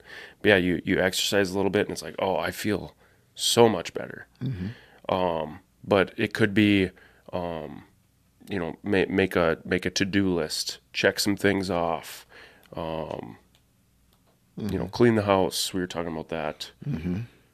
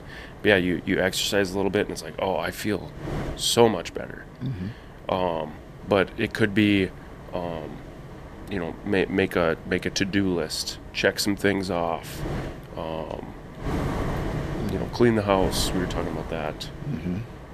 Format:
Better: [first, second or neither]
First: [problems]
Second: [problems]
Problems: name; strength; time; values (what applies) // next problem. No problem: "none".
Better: first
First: none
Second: wind noise on the microphone; occasional gusts; 15 dB below the speech